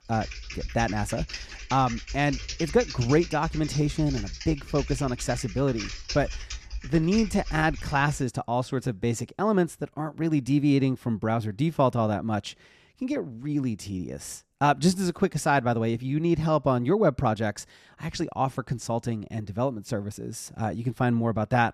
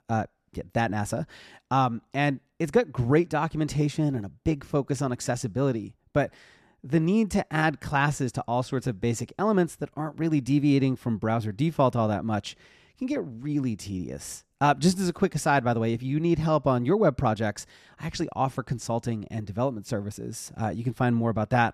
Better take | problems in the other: second | keyboard typing; noticeable; until 8 s; peak 7 dB below the speech

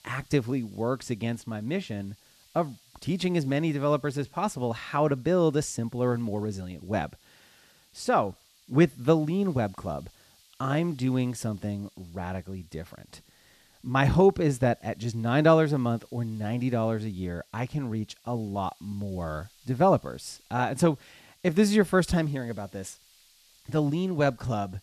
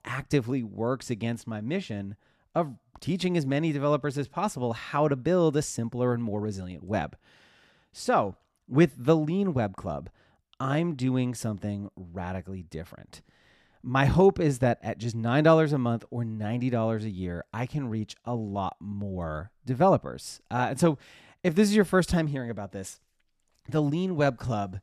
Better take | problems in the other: second | hiss; faint; throughout; 30 dB below the speech

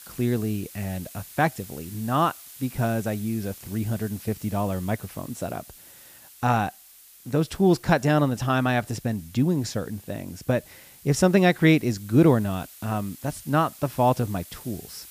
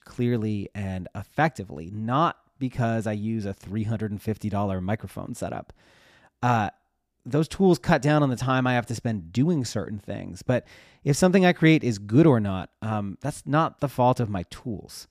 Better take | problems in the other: second | hiss; noticeable; throughout; 20 dB below the speech

